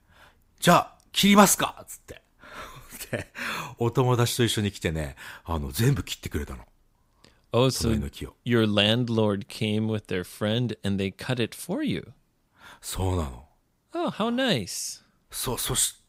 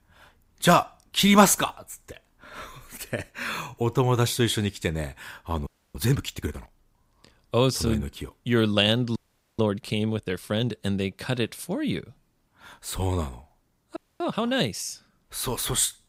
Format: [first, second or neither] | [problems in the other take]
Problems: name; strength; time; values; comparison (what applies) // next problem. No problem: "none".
first | audio freezing; at 5.5 s, at 9 s and at 14 s